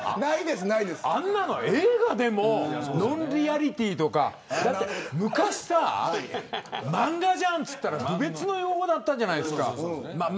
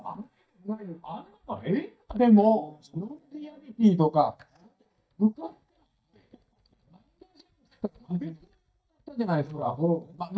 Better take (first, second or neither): first